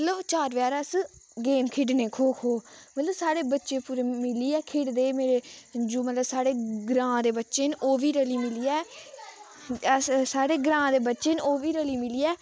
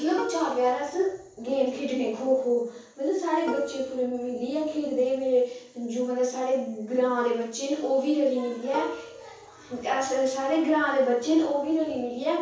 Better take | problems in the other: first | background sound (Plucked string instrument); 14 dB below the speech // room echo; dies away in 0.6 s

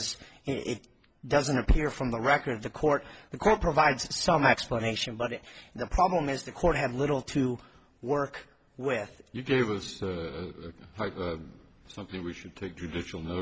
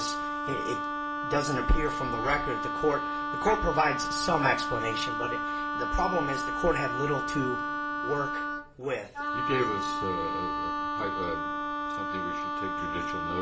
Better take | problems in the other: first | background sound (Wind instrument, woodwind instrument); as loud as the speech // room echo; dies away in 1.7 s

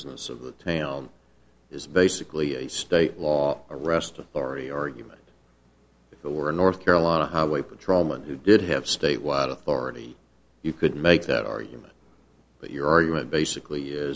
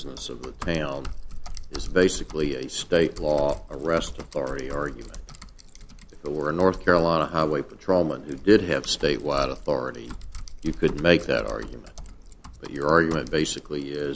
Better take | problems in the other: first | background sound (Typing); 11 dB below the speech

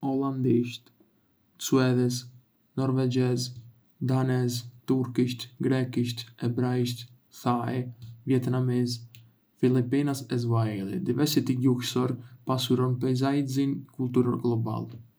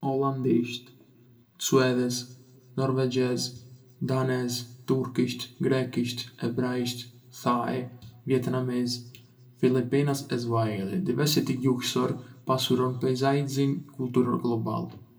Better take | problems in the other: first | room echo; dies away in 0.5 s

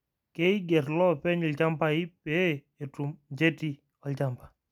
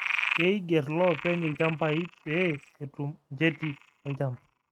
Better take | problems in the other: first | noise reduction (neural mask model RNNoise)

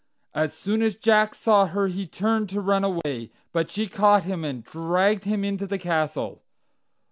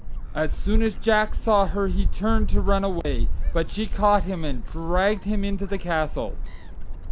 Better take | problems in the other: first | background sound (Gull, seagull); 2 dB above the speech

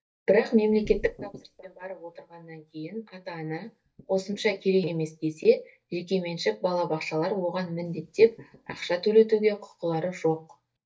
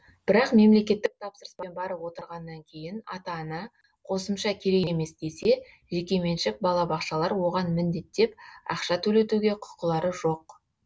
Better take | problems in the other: second | noise reduction (neural mask model DeepFilterNet 3)

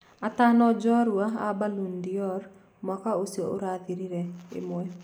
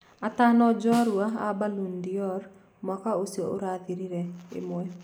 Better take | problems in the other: first | background sound (Snare drum); 19 dB below the speech

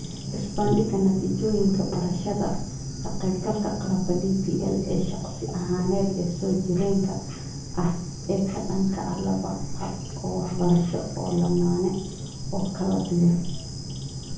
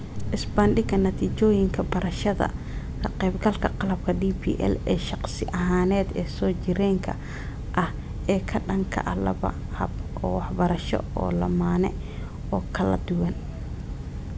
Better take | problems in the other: second | background sound (Bird / Insect); 10 dB below the speech // room echo; dies away in 0.7 s

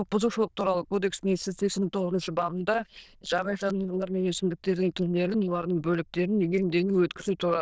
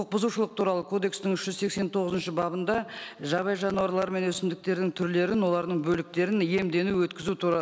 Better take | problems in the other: second | noise reduction (neural diffusion model UNIVERSE++)

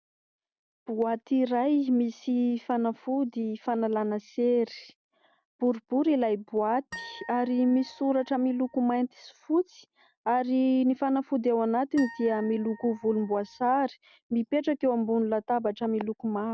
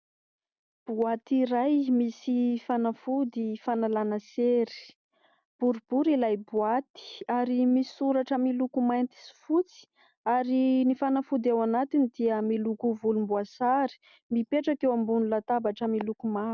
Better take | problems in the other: second | background sound (Harp); 19 dB below the speech

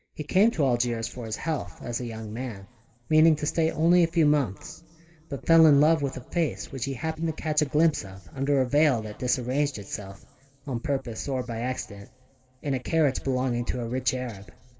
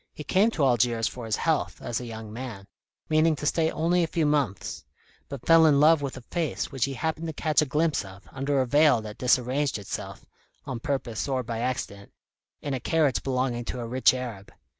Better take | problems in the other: second | room echo; dies away in 2.8 s

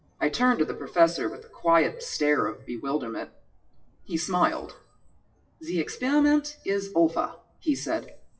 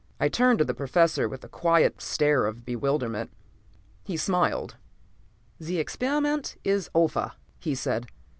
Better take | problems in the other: second | noise reduction (classical method WPE with log-MMSE)

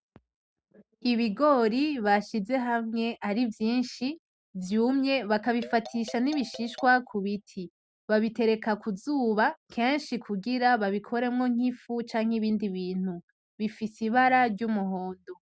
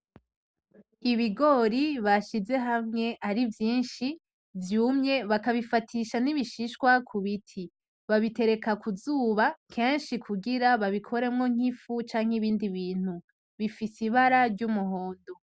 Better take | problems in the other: second | noise reduction (neural mask model RNNoise)

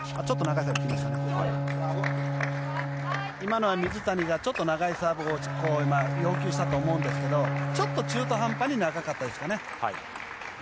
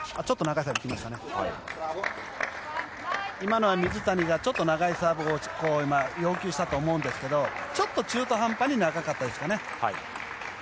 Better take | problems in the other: second | background sound (Bowed string instrument); 2 dB below the speech

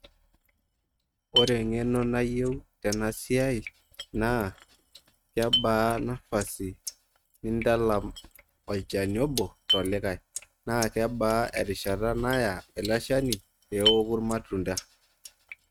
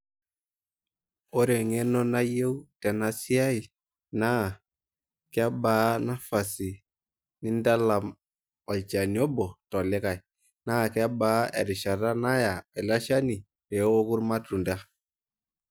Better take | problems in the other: second | noise reduction (neural mask model RNNoise)

